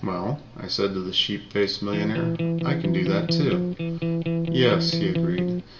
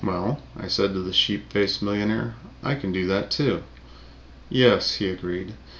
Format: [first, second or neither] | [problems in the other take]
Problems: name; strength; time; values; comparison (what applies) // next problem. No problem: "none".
second | background sound (Electric guitar); 2 dB above the speech // room echo; dies away in 1.7 s